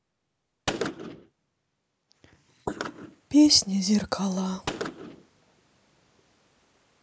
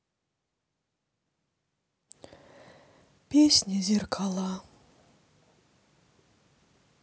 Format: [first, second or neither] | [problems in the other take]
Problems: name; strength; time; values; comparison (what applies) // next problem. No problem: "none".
second | noise reduction (neural mask model Resemble Enhance denoiser)